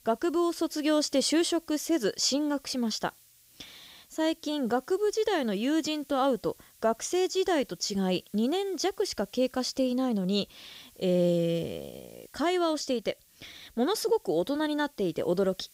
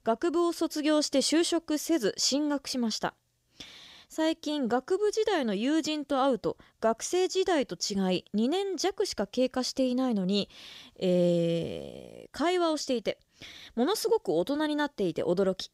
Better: second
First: hiss; faint; throughout; 25 dB below the speech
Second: none

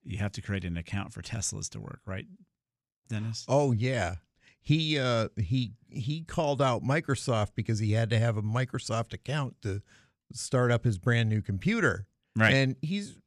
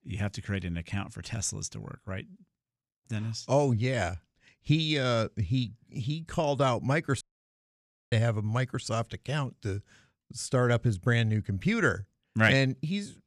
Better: first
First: none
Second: audio cutting out; at 7 s for 1 s

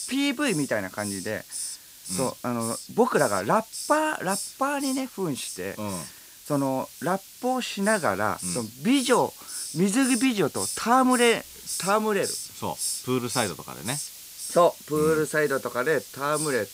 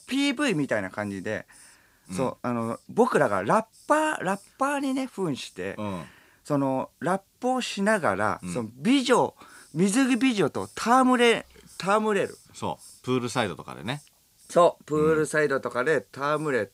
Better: second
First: hiss; loud; throughout; 8 dB below the speech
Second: hiss; faint; throughout; 30 dB below the speech

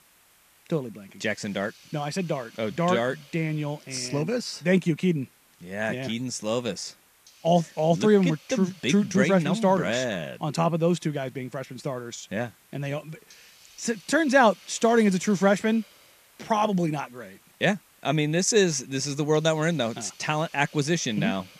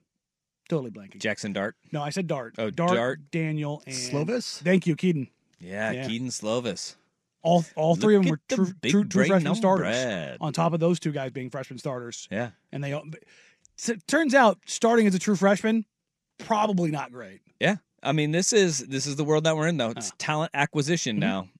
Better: second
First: hiss; faint; throughout; 25 dB below the speech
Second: none

